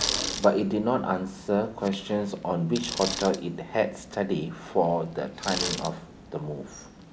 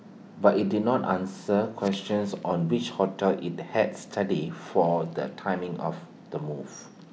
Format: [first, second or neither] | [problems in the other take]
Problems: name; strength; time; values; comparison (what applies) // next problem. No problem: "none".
second | background sound (Bicycle); 9 dB below the speech